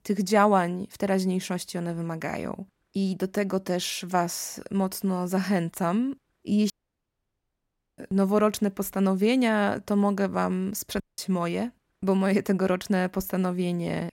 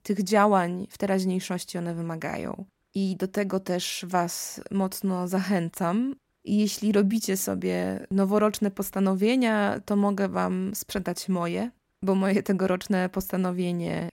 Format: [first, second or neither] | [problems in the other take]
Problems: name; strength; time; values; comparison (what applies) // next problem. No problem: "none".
second | audio cutting out; at 6.5 s for 1.5 s and at 11 s